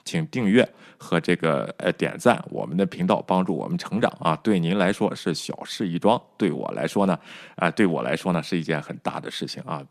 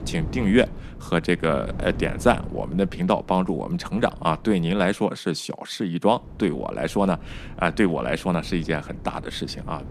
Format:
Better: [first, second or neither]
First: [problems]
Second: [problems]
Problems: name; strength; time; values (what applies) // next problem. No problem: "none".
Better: first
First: none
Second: wind noise on the microphone; occasional gusts; until 5 s and from 6 s on; 20 dB below the speech